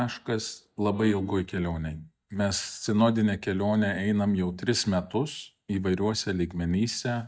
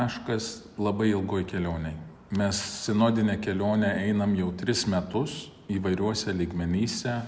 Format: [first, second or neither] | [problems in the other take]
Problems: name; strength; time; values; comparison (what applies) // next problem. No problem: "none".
second | noise reduction (neural mask model DeepFilterNet 3)